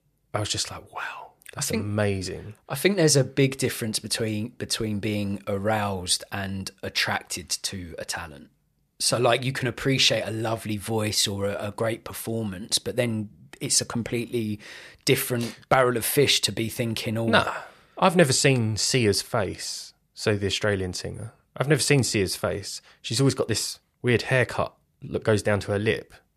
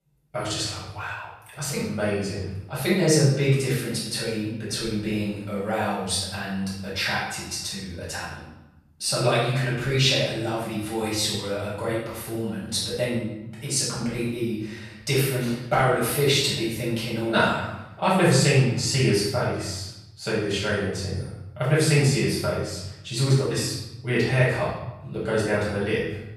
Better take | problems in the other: first | off-mic speech; far // room echo; noticeable; dies away in 0.9 s

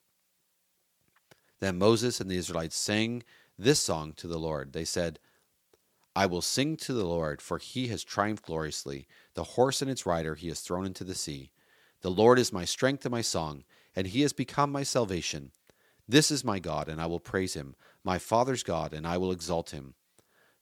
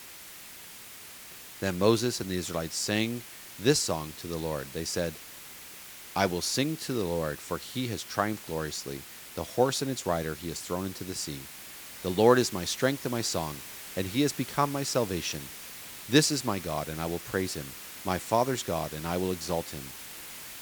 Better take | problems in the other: first | hiss; noticeable; throughout; 10 dB below the speech

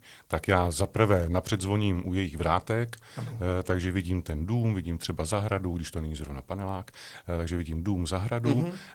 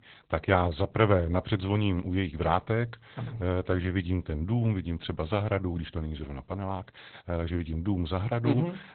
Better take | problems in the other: first | garbled, watery; badly; nothing above 4 kHz; slightly in the first

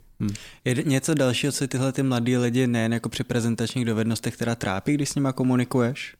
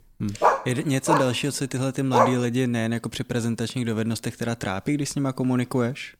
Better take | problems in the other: first | dog barking; loud; until 2.5 s; peak 4 dB above the speech

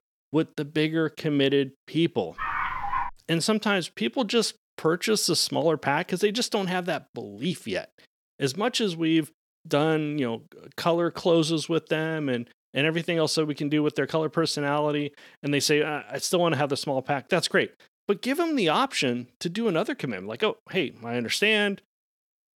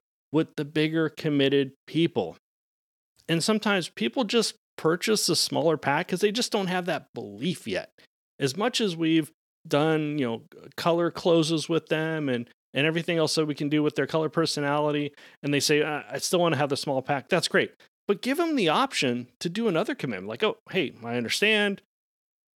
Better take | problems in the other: second | dog barking; noticeable; at 2.5 s; peak 3 dB below the speech

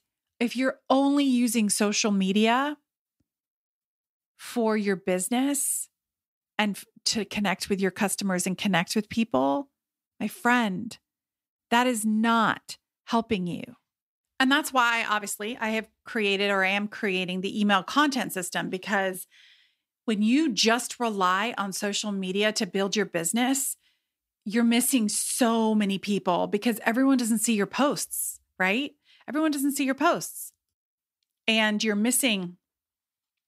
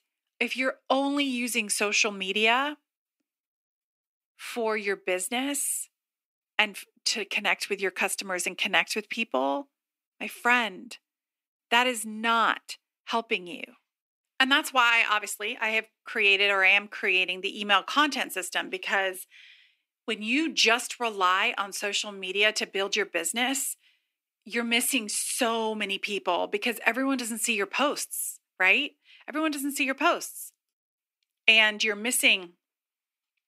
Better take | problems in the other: first | thin; somewhat; fading below 300 Hz

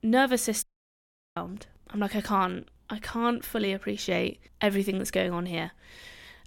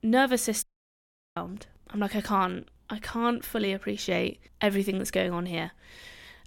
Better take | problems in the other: neither | audio cutting out; at 0.5 s for 0.5 s; the same in both

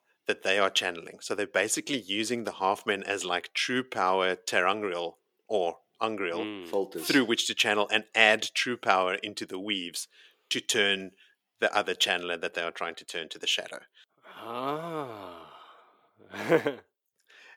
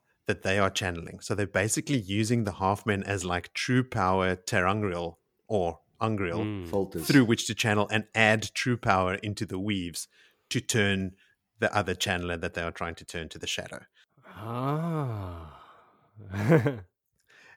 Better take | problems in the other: second | thin; somewhat; fading below 400 Hz

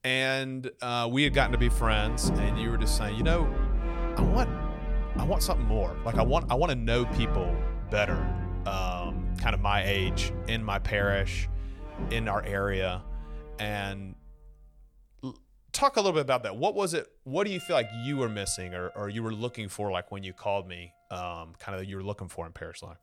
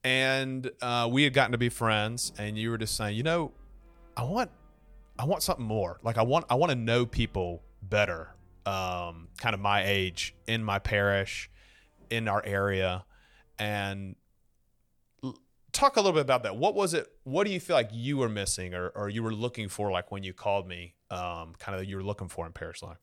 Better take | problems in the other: second | background music; loud; throughout; 3 dB below the speech; faint in the second

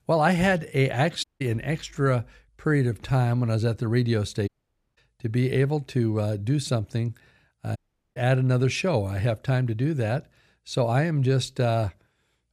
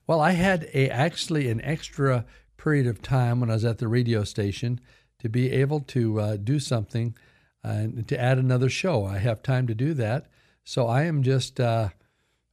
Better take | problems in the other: second | audio cutting out; at 1 s, at 4.5 s and at 8 s

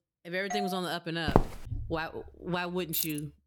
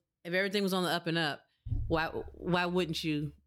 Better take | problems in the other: second | doorbell; noticeable; at 0.5 s; peak 2 dB below the speech // footsteps; loud; at 1.5 s; peak 6 dB above the speech // jangling keys; loud; at 3 s; peak 3 dB above the speech

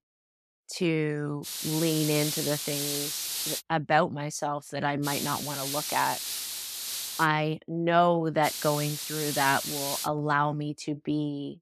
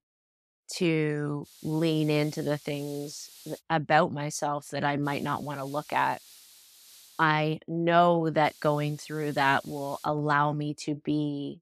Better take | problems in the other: second | hiss; loud; from 1.5 to 3.5 s, from 5 to 7.5 s and from 8.5 to 10 s; 3 dB below the speech; faint in the second

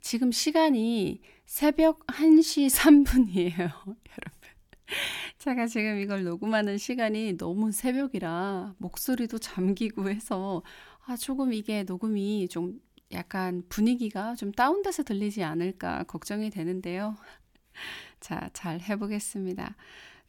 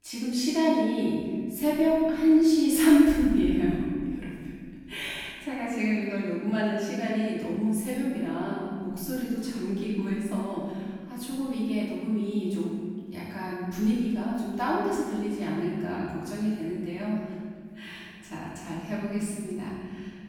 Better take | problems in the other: first | off-mic speech; far // room echo; strong; dies away in 2.3 s

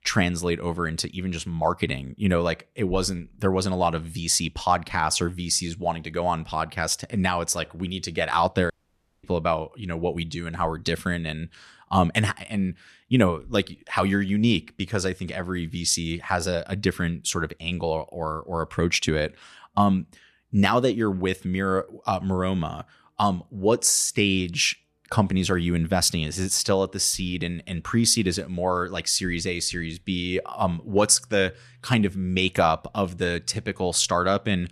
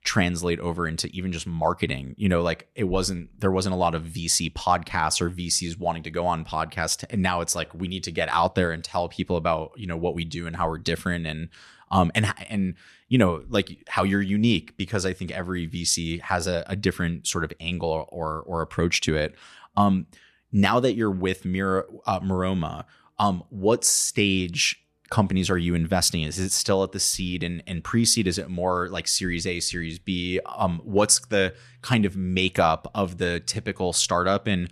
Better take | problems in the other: second | audio cutting out; at 8.5 s for 0.5 s

